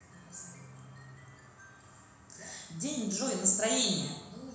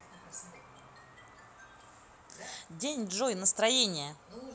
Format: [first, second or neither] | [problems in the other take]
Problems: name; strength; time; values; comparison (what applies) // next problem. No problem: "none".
second | room echo; dies away in 1.1 s